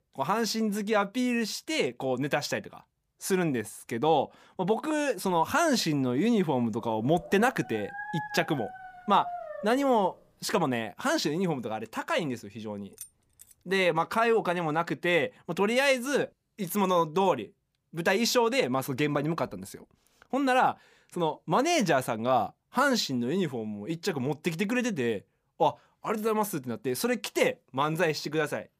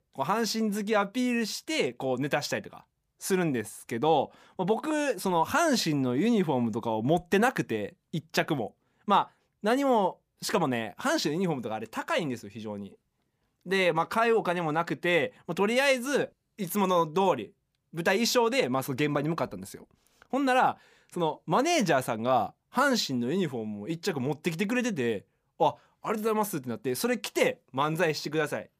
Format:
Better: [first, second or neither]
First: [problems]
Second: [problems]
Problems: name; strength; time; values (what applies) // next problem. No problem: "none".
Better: second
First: dog barking; noticeable; from 7 to 10 s; peak 8 dB below the speech // jangling keys; faint; at 13 s; peak 20 dB below the speech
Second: none